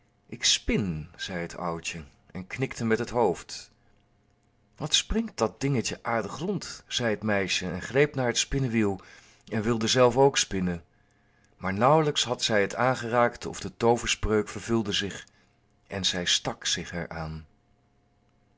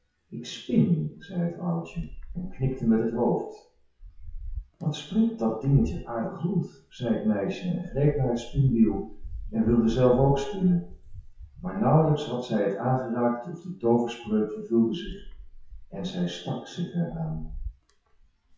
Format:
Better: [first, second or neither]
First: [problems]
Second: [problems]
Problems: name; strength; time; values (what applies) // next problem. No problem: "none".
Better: first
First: none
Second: noise reduction (classical method WPE with log-MMSE)